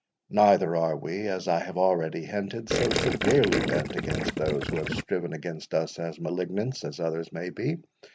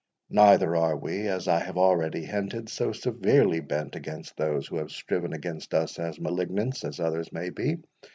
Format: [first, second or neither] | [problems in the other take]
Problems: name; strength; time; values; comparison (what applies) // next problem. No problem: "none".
second | background sound (Gurgling); 1 dB below the speech